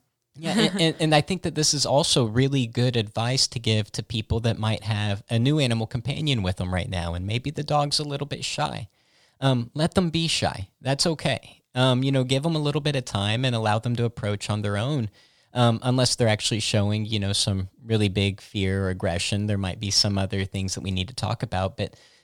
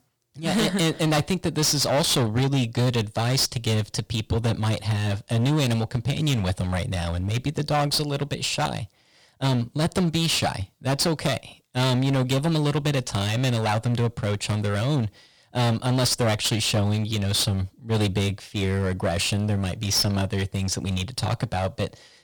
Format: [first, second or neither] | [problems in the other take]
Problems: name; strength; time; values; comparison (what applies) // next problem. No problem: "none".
first | distortion; heavy; 16% of the sound clipped